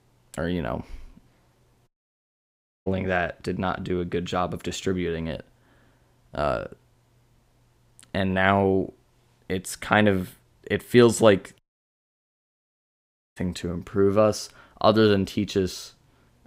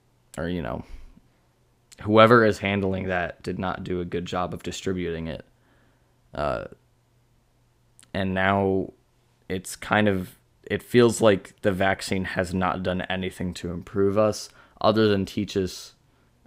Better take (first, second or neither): second